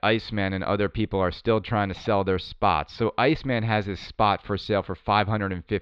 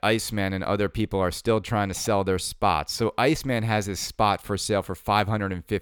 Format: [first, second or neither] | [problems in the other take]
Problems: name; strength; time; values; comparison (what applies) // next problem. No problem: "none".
second | muffled; slightly; fading above 4 kHz